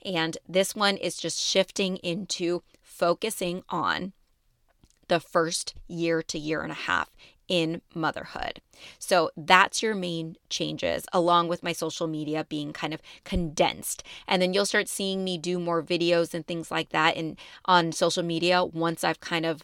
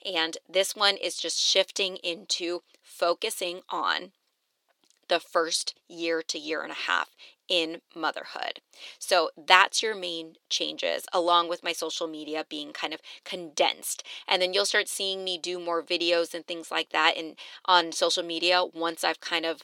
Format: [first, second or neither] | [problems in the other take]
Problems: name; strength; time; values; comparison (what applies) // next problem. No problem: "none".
first | thin; very; fading below 350 Hz